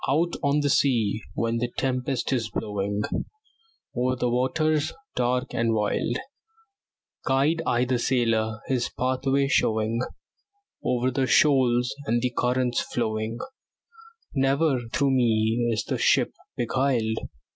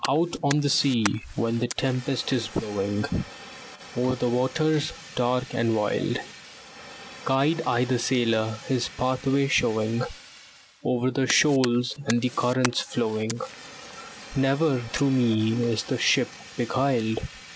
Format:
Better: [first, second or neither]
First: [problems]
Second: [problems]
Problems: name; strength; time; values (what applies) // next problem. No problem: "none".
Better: first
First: none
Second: background sound (Fire); 15 dB below the speech